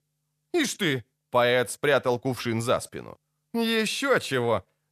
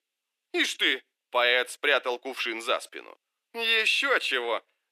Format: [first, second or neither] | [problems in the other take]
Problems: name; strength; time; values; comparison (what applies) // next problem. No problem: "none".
first | thin; somewhat; fading below 300 Hz